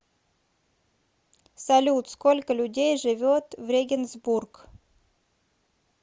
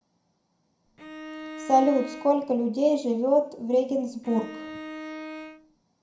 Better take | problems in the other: first | background sound (Bowed string instrument); 12 dB below the speech // room echo; dies away in 0.5 s

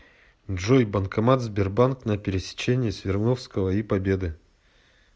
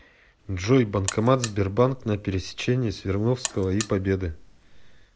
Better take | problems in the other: first | background sound (Alarm); 14 dB below the speech

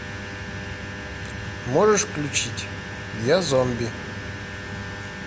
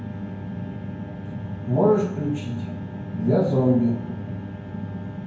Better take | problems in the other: first | room echo; dies away in 0.9 s

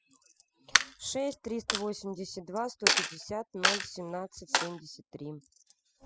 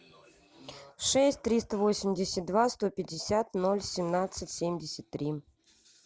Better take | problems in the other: second | noise reduction (classical method spectral subtraction)

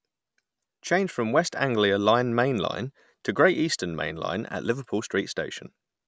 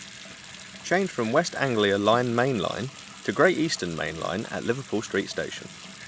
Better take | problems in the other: first | background sound (Bathtub (filling or washing) / Sink (filling or washing) / Water tap, faucet); 16 dB below the speech

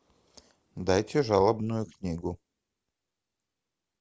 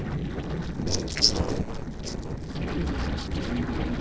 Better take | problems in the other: first | noise reduction (neural separator model SepFormer DNS4)

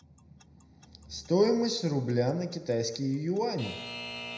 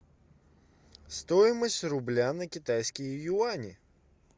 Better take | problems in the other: second | background sound (Alarm / Clock); 16 dB below the speech // room echo; dies away in 0.7 s

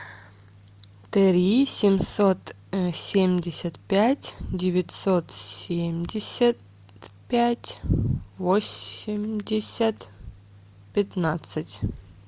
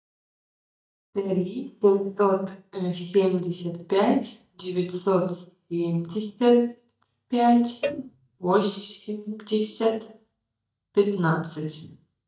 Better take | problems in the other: first | noise reduction (neural mask model DeepFilterNet 3)

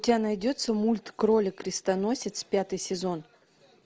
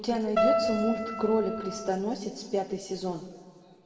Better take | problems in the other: first | background sound (Keyboard (musical)); 2 dB above the speech // room echo; dies away in 1.5 s

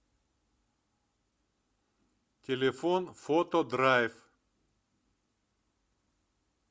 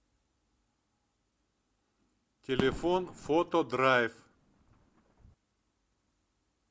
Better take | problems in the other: first | background sound (Fireworks); 9 dB below the speech

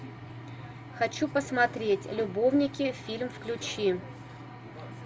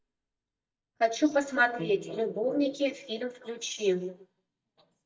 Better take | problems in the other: first | noise reduction (neural mask model DeepFilterNet 3)

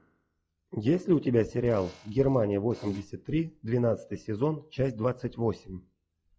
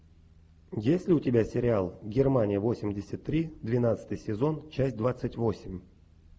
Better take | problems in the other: second | noise reduction (classical method log-MMSE)

